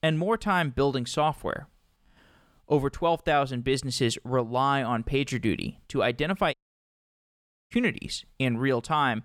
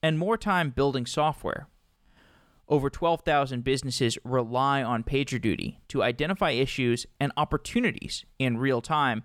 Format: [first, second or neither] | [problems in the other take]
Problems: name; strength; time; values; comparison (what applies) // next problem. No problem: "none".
second | audio cutting out; at 6.5 s for 1 s